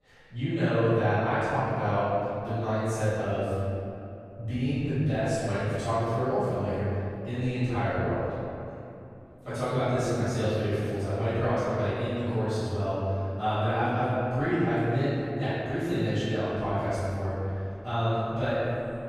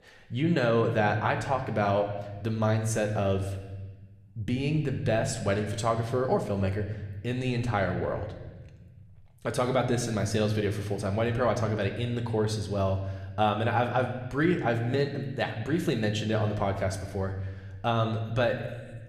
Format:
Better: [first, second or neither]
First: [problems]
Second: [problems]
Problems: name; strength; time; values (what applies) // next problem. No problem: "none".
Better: second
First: room echo; strong; dies away in 2.9 s // off-mic speech; far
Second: room echo; slight; dies away in 1.3 s